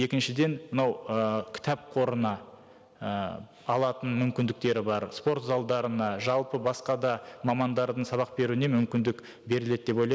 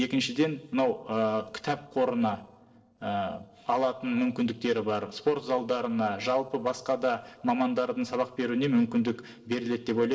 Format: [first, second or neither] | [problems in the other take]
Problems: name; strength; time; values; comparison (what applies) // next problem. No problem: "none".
first | noise reduction (neural separator model SepFormer DNS4)